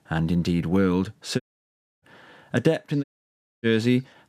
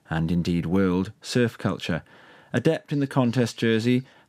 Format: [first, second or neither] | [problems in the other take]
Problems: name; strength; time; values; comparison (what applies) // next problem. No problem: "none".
second | audio cutting out; at 1.5 s for 0.5 s and at 3 s for 0.5 s